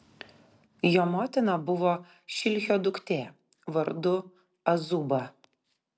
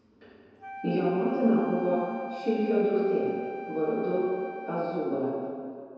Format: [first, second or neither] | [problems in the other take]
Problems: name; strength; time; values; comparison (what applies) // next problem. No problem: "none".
first | background sound (Wind instrument, woodwind instrument); 13 dB below the speech // room echo; dies away in 2.2 s